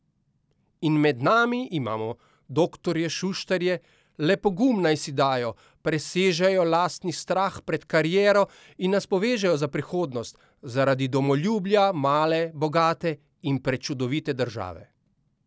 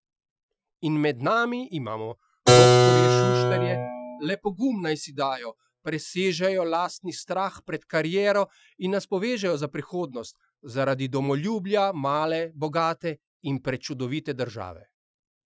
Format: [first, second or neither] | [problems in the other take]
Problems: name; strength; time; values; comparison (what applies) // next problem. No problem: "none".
first | noise reduction (classical method Wiener filter)